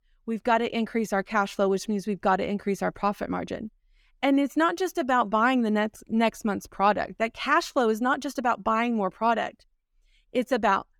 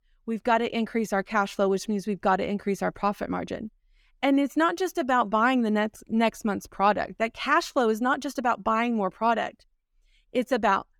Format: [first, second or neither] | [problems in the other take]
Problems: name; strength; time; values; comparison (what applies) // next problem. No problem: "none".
neither | none